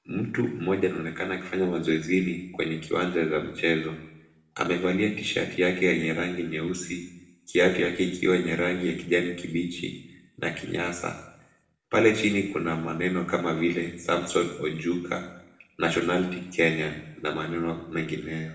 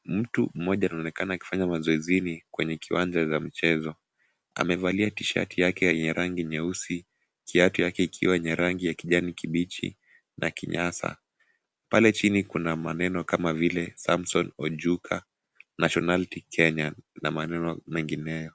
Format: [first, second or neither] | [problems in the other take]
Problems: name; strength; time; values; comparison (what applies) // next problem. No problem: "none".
second | room echo; dies away in 0.8 s